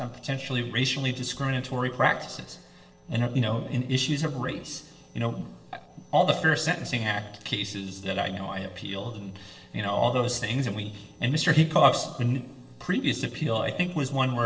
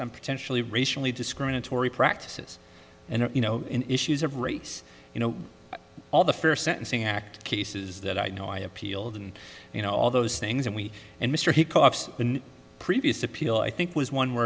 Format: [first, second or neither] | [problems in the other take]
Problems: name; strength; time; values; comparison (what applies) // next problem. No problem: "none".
second | noise reduction (neural separator model SepFormer DNS4)